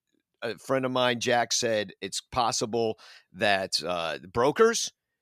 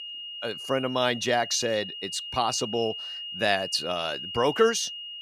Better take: first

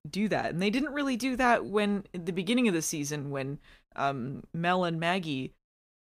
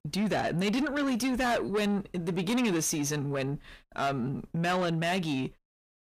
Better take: first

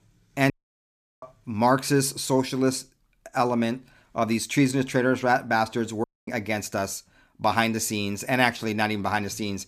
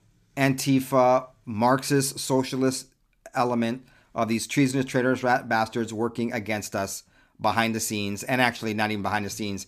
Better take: second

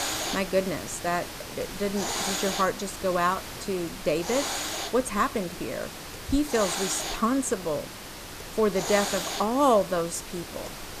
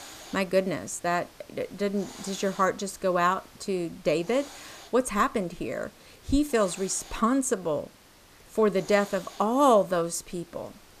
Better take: second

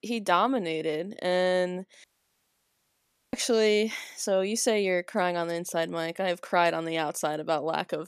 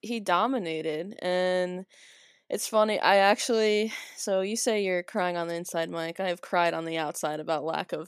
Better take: second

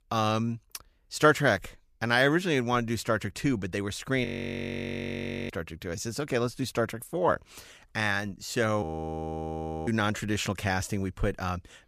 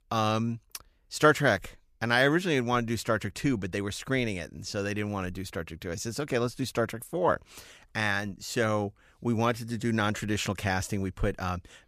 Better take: second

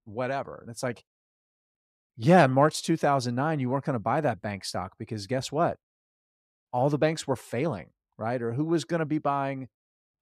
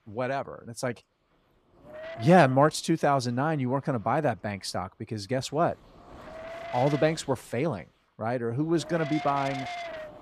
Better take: first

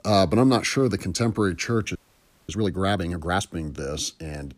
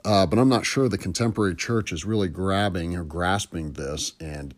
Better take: second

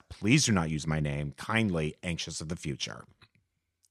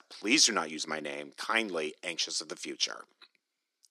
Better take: first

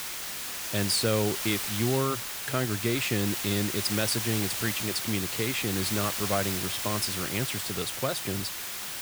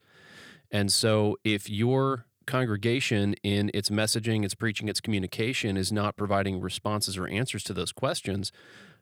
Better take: second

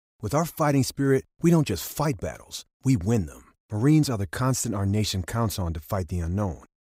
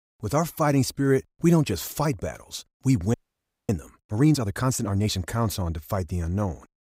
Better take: first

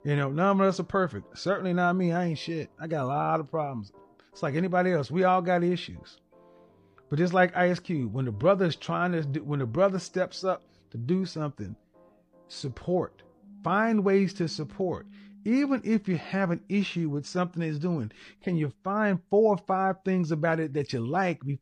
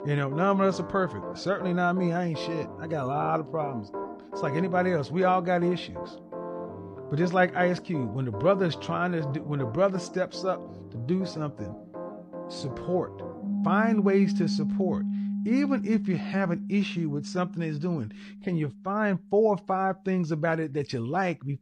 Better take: first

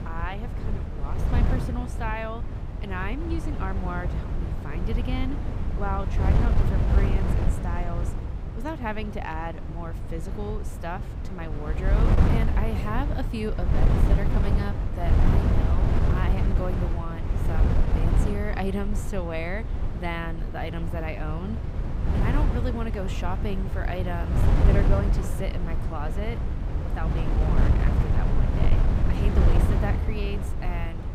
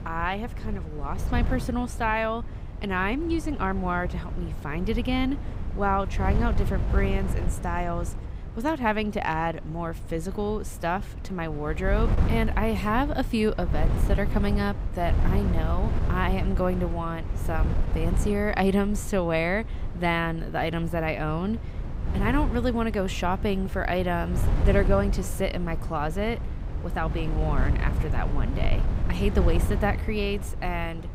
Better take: second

